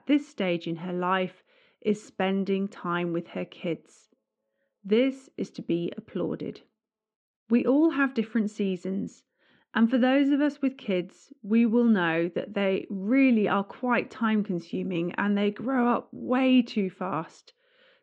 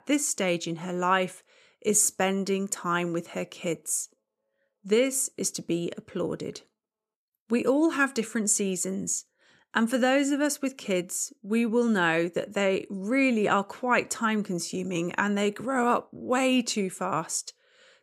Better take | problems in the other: second | muffled; very; fading above 3.5 kHz

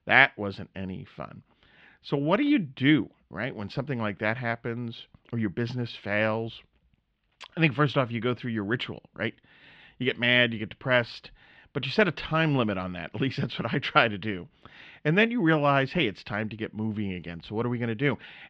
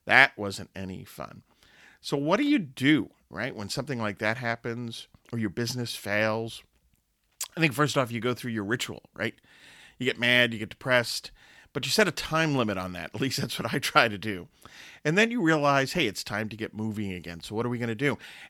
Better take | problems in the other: second | muffled; slightly; fading above 3 kHz

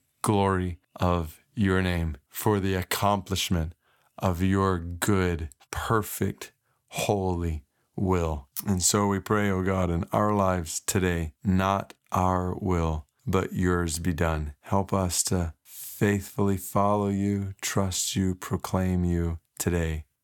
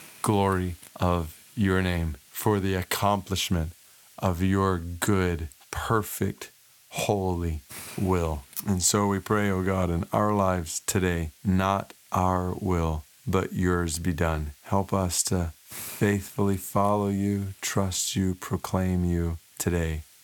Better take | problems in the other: first | hiss; faint; throughout; 20 dB below the speech

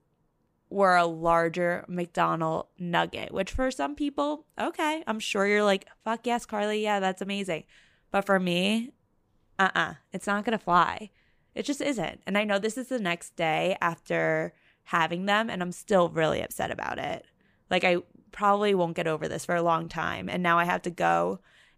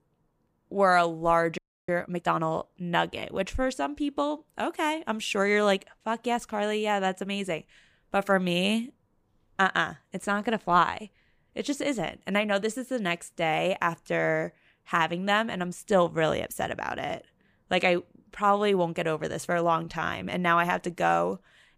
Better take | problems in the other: first | audio freezing; at 1.5 s

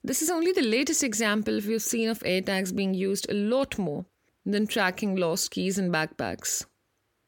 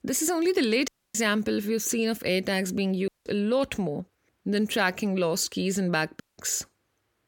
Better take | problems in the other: first | audio cutting out; at 1 s, at 3 s and at 6 s

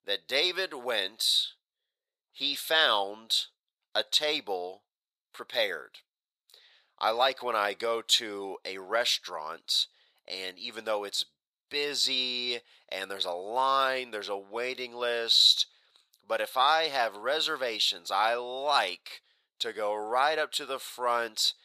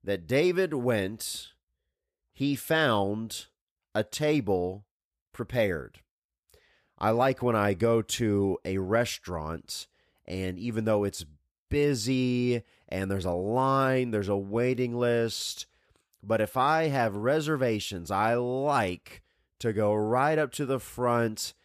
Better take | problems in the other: second | thin; very; fading below 750 Hz

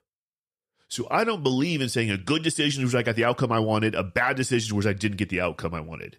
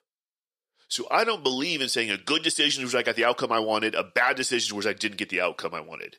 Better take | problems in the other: first | thin; somewhat; fading below 400 Hz

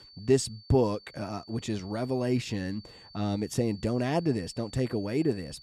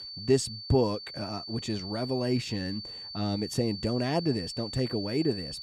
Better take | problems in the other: first | high-pitched whine; loud; throughout; 4.5 kHz, 8 dB below the speech; faint in the first

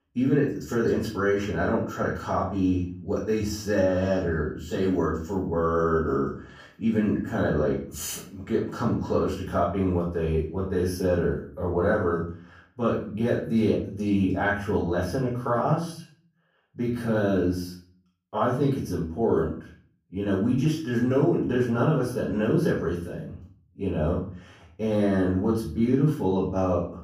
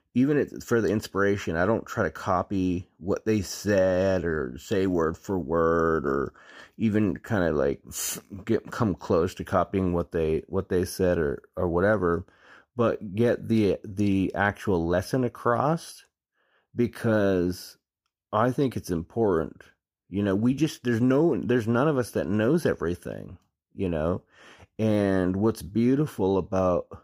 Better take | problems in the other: second | off-mic speech; far // room echo; noticeable; dies away in 0.4 s

